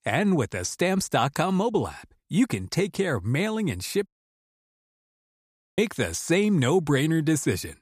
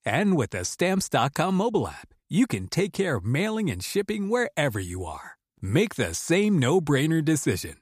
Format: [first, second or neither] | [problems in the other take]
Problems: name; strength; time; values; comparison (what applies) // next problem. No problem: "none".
second | audio cutting out; at 4 s for 1.5 s